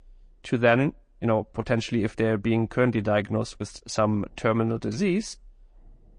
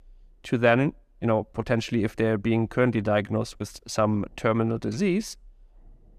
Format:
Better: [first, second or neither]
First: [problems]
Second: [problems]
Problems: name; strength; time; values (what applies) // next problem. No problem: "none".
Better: second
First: garbled, watery; slightly; nothing above 8.5 kHz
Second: none